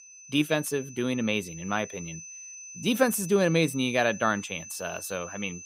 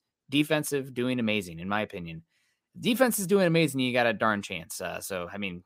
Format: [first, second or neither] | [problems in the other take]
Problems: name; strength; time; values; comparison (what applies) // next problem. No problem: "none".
second | high-pitched whine; noticeable; throughout; 6 kHz, 15 dB below the speech